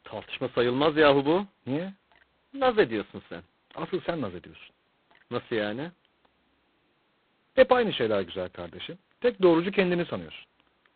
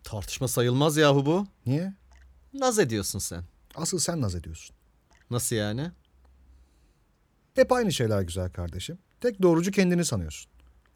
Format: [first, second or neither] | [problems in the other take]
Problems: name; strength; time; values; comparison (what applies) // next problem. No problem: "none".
second | phone-call audio; poor line; nothing above 4 kHz